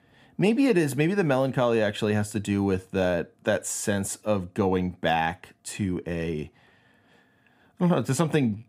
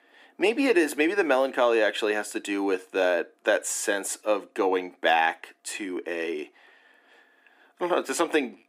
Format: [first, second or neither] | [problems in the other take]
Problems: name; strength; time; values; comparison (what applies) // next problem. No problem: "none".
first | thin; somewhat; fading below 300 Hz